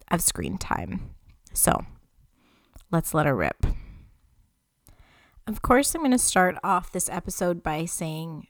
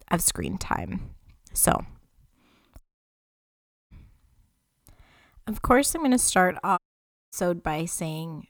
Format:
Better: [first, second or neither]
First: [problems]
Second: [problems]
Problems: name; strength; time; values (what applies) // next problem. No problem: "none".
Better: first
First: none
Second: audio cutting out; at 3 s for 1 s and at 7 s for 0.5 s